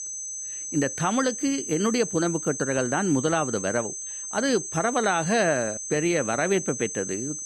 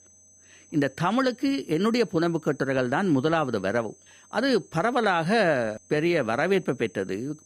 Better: second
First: high-pitched whine; loud; throughout; 6.5 kHz, 6 dB below the speech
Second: high-pitched whine; faint; throughout; 6.5 kHz, 30 dB below the speech

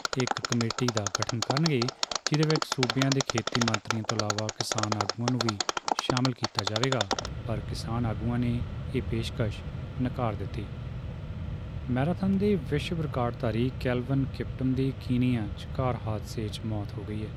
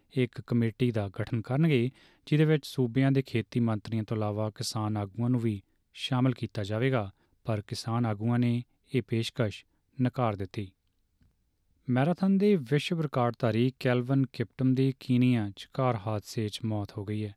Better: second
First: machinery noise; loud; throughout; 2 dB below the speech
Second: none

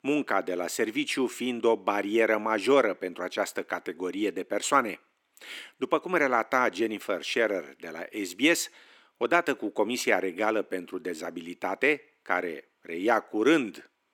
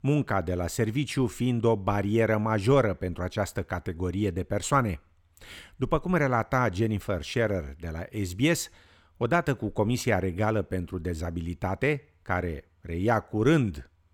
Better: second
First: thin; somewhat; fading below 300 Hz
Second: none

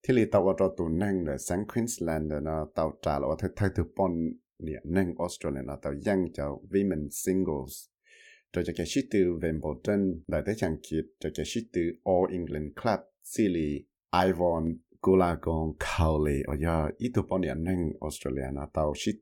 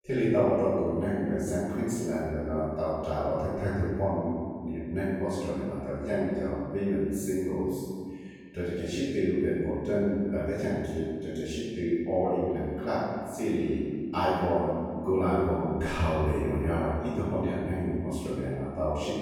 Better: first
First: none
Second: off-mic speech; far // room echo; strong; dies away in 1.8 s

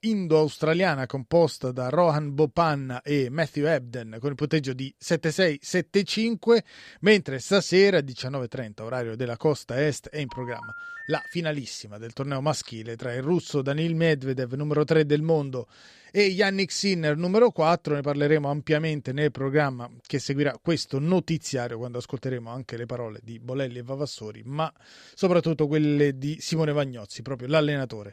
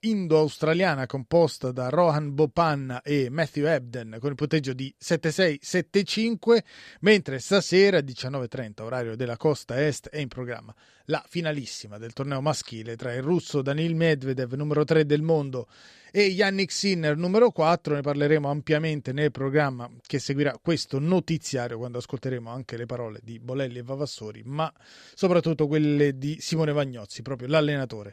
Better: second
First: phone ringing; faint; from 10 to 11 s; peak 10 dB below the speech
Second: none

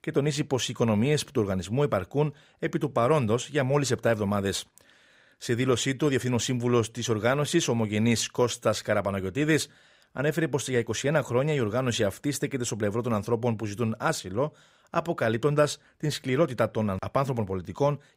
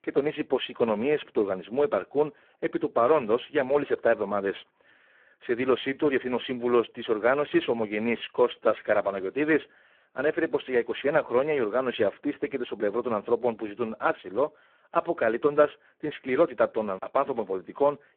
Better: first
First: none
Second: phone-call audio; poor line

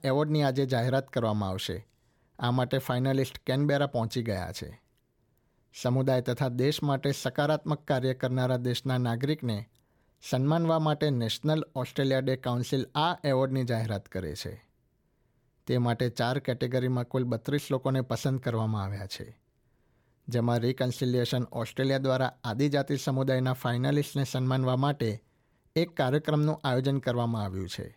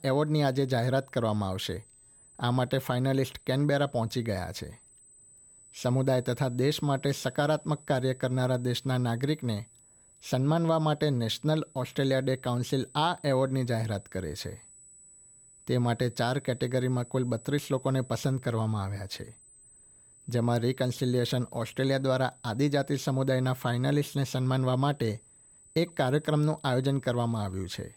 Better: first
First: none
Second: high-pitched whine; faint; throughout; 8 kHz, 25 dB below the speech

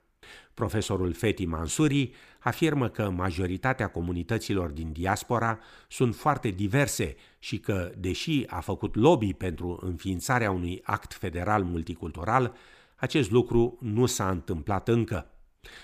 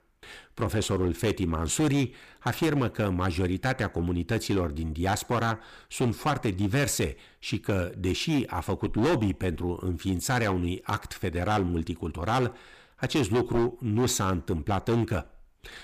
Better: first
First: none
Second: distortion; heavy; 8% of the sound clipped

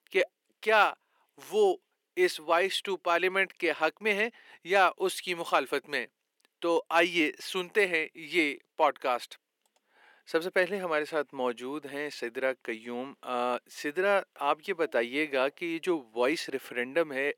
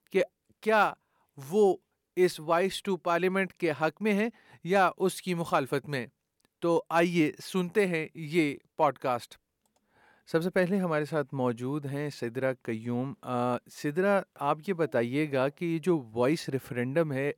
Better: second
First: thin; somewhat; fading below 300 Hz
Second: none

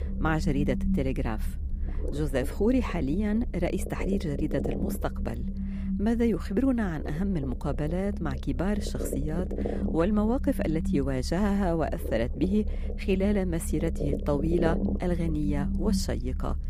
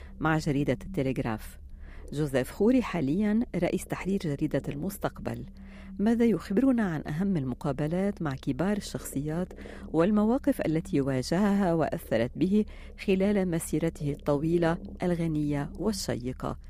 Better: second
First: low rumble; loud; throughout; 8 dB below the speech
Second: low rumble; faint; throughout; 25 dB below the speech

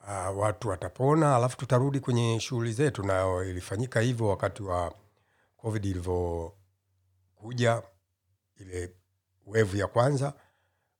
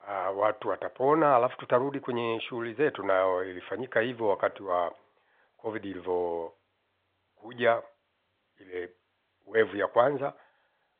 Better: first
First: none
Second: phone-call audio; nothing above 3.5 kHz

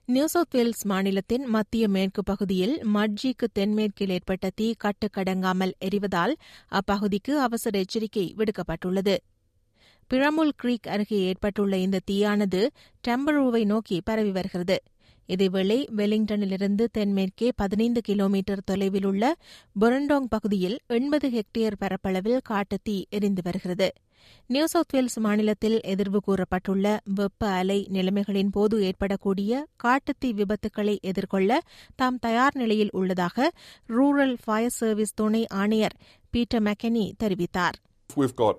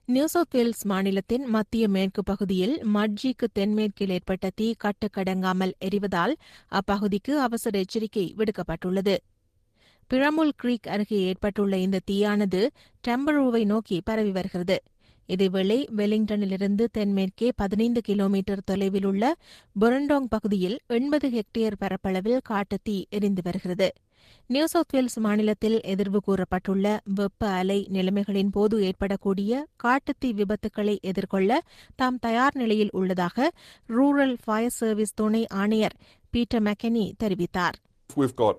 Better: first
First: none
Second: garbled, watery; slightly; nothing above 14.5 kHz

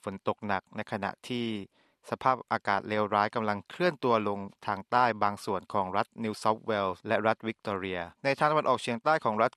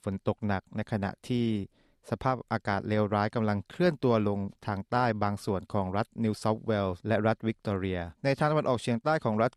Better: second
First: thin; somewhat; fading below 700 Hz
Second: none

